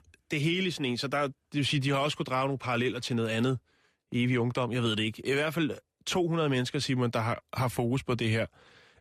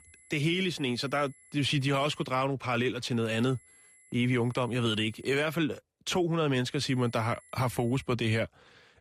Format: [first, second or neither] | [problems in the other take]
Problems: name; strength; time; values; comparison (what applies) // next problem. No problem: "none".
first | high-pitched whine; faint; until 2.5 s, from 3 to 5.5 s and from 6.5 to 8 s; 11 kHz, 25 dB below the speech